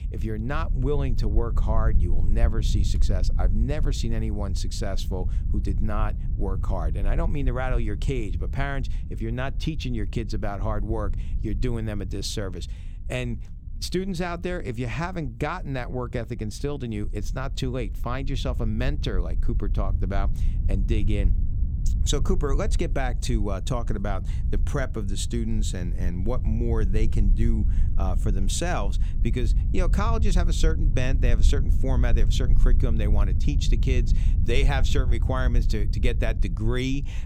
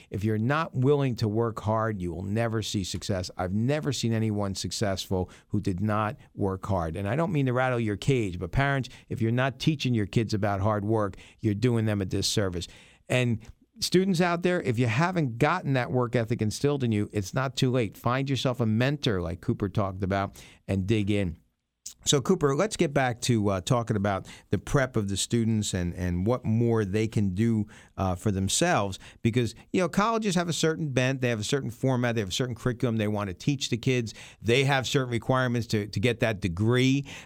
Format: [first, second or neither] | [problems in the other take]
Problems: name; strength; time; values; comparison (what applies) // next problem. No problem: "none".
second | low rumble; noticeable; throughout; 15 dB below the speech